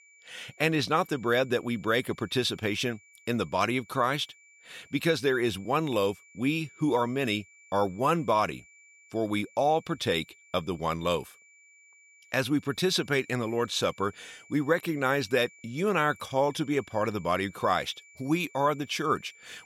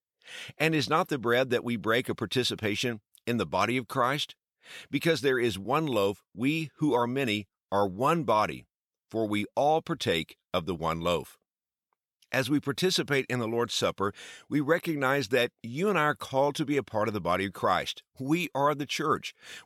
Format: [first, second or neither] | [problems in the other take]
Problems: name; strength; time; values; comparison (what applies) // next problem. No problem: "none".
second | high-pitched whine; faint; throughout; 2.5 kHz, 25 dB below the speech